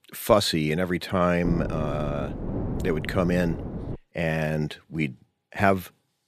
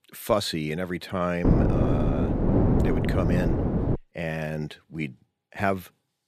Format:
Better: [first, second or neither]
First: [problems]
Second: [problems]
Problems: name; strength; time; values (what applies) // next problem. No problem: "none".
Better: first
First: wind noise on the microphone; occasional gusts; from 1.5 to 4 s; 10 dB below the speech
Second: wind noise on the microphone; heavy; from 1.5 to 4 s; as loud as the speech